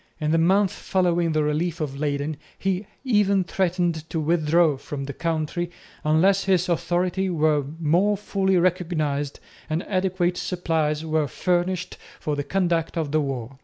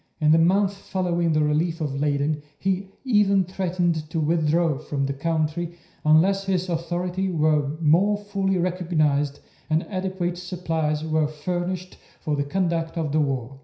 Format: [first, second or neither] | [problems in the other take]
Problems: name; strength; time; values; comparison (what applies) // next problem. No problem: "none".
first | room echo; dies away in 0.5 s